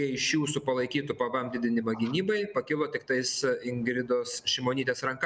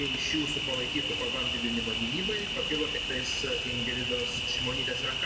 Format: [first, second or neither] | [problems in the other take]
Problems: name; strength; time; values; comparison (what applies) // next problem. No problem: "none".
first | background sound (Cricket); 3 dB above the speech // room echo; dies away in 1.8 s